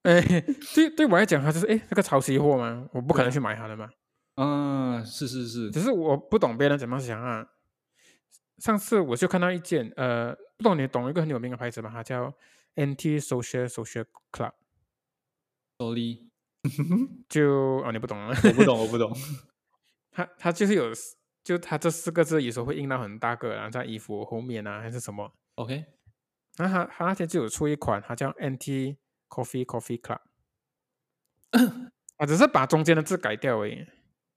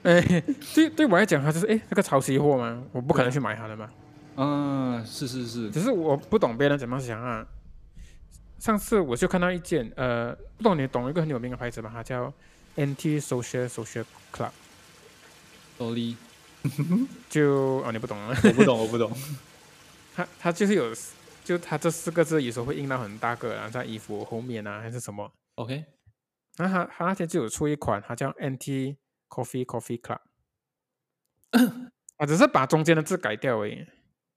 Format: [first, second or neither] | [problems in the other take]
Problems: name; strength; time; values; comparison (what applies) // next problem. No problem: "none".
first | rain or running water; faint; until 24 s; 25 dB below the speech